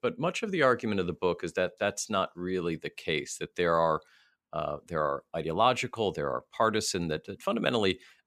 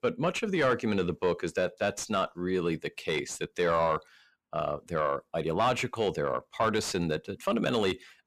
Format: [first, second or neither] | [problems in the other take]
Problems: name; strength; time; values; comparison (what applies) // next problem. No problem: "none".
first | distortion; slight; 10 dB below the speech